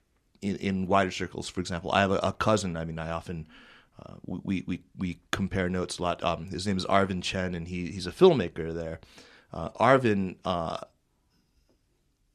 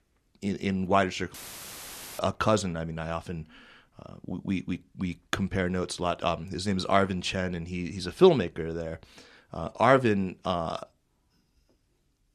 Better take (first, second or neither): first